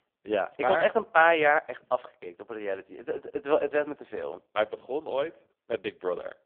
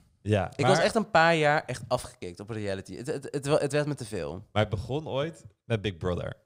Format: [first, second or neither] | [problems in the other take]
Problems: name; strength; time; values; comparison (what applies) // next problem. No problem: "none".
second | phone-call audio; poor line